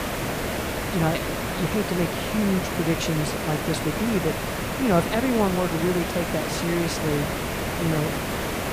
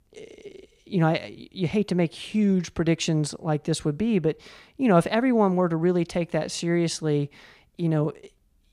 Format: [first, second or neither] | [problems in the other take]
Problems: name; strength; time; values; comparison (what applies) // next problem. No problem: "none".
second | hiss; loud; throughout; 1 dB below the speech